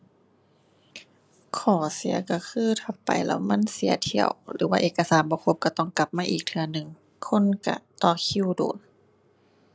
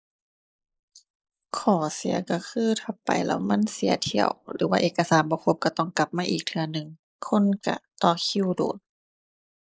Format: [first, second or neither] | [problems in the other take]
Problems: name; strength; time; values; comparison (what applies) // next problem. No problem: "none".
first | noise reduction (neural mask model Resemble Enhance denoiser)